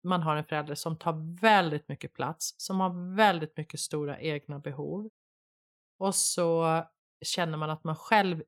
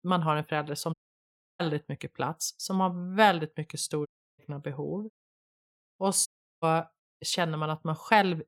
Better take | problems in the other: first | audio cutting out; at 1 s for 0.5 s, at 4 s and at 6.5 s

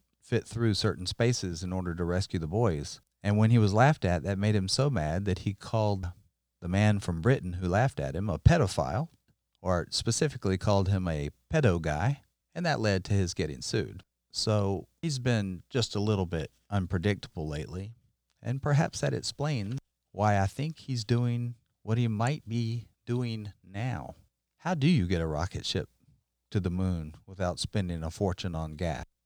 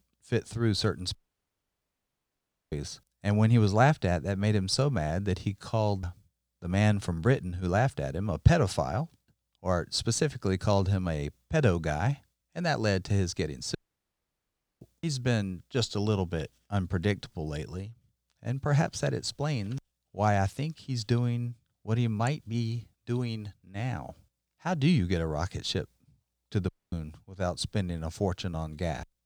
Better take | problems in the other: first | audio cutting out; at 1 s for 1.5 s, at 14 s for 1 s and at 27 s

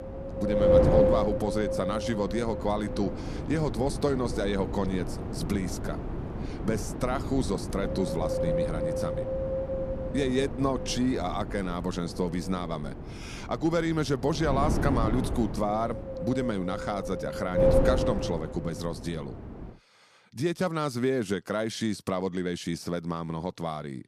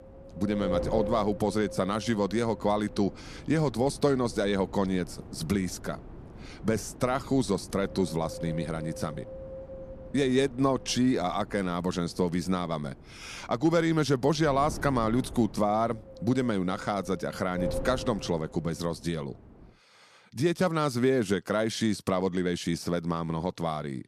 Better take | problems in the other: second | wind noise on the microphone; heavy; until 20 s; 1 dB above the speech; occasional gusts in the second

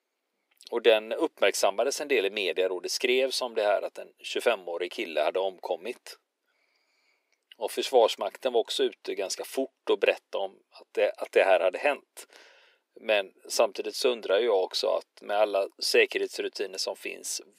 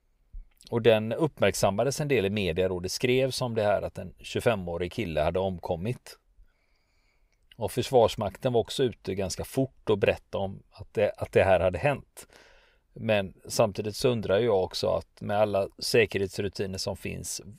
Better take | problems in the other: second | thin; somewhat; fading below 300 Hz

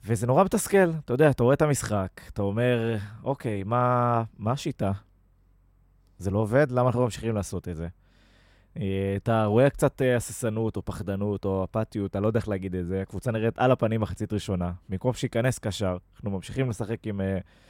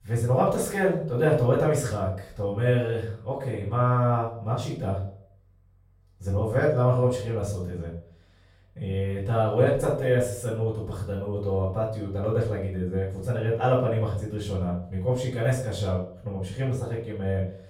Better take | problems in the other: first | off-mic speech; far // room echo; noticeable; dies away in 0.4 s

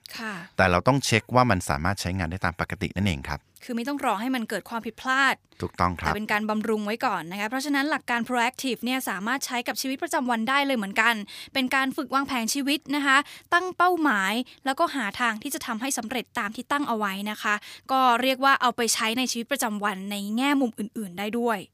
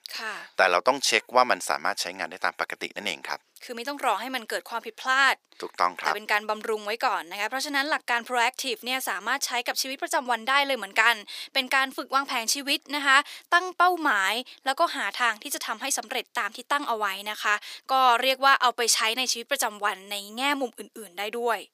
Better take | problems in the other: first | thin; somewhat; fading below 400 Hz

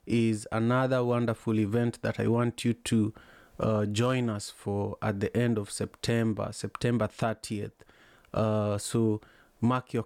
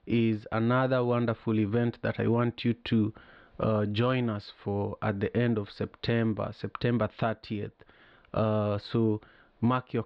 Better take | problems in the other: first | muffled; slightly; fading above 4 kHz

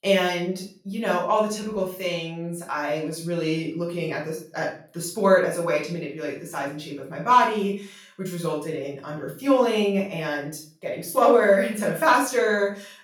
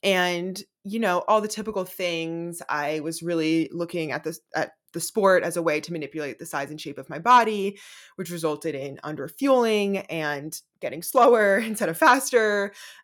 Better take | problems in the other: second | off-mic speech; far // room echo; noticeable; dies away in 0.4 s

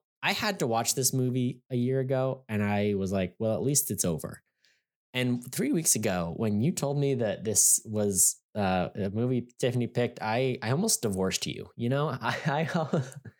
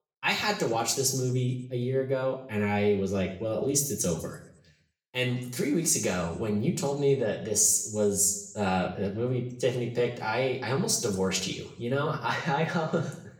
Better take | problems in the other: first | room echo; slight; dies away in 0.6 s // off-mic speech; somewhat distant

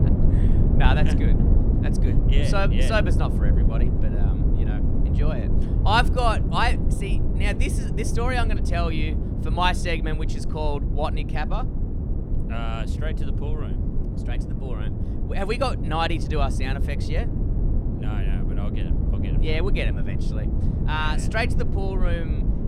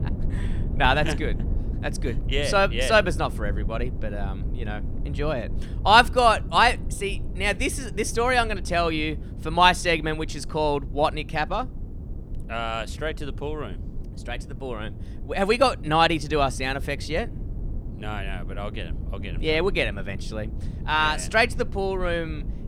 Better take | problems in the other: second | low rumble; loud; throughout; 9 dB below the speech; faint in the second

